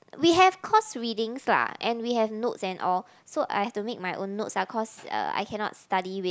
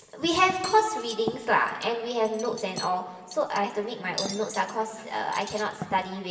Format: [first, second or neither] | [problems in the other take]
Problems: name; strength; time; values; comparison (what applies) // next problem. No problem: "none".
first | background sound (Cutlery, silverware); 14 dB below the speech // room echo; dies away in 2.3 s